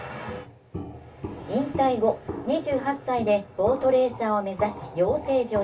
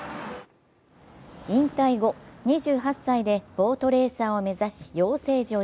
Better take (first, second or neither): second